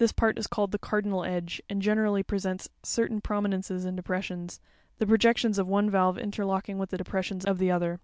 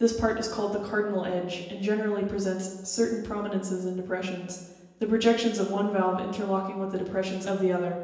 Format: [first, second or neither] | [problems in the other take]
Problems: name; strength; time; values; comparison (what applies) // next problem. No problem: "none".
first | room echo; dies away in 1 s